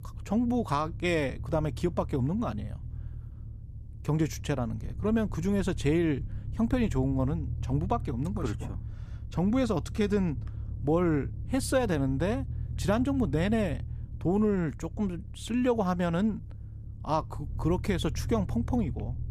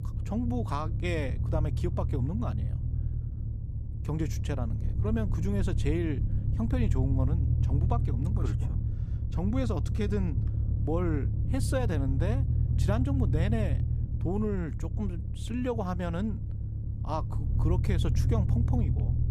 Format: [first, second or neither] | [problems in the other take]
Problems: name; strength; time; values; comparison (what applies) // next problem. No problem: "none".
first | low rumble; loud; throughout; 7 dB below the speech; faint in the first